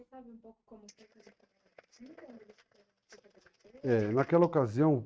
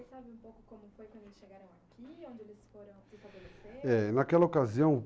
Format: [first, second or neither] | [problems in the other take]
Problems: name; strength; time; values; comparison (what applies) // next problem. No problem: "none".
second | noise reduction (neural mask model RNNoise)